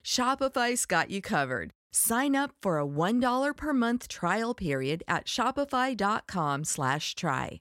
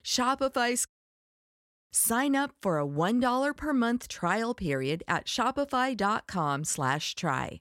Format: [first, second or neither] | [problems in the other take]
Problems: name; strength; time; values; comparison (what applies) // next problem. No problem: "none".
first | audio cutting out; at 1 s for 1 s